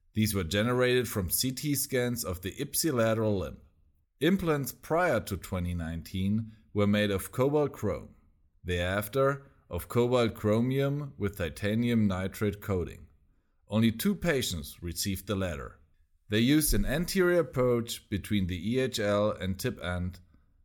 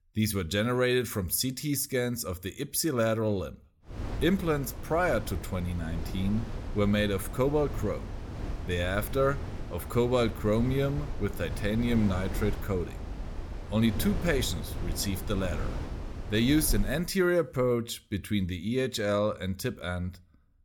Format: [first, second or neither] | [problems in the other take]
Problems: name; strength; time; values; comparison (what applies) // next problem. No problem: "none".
first | wind noise on the microphone; occasional gusts; from 4 to 17 s; 15 dB below the speech